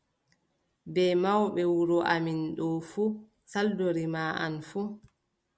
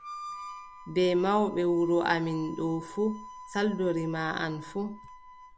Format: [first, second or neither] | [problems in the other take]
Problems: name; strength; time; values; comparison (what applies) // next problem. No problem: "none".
first | background sound (Harmonica); 15 dB below the speech